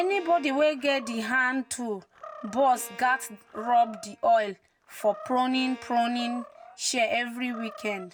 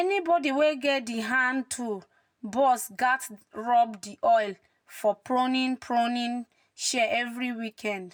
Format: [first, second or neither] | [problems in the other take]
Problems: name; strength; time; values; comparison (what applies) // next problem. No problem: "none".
second | background sound (Bowed string instrument + Animal); 19 dB below the speech